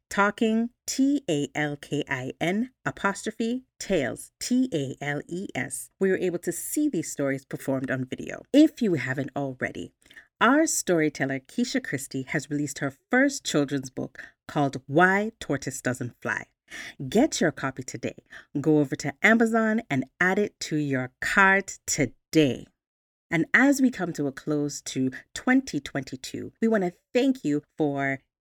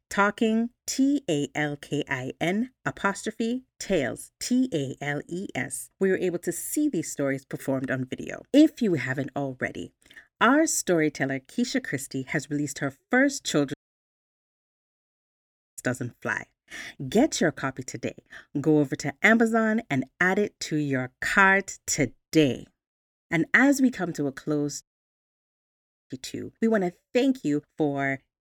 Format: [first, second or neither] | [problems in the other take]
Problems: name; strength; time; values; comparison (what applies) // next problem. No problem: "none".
first | audio cutting out; at 14 s for 2 s and at 25 s for 1.5 s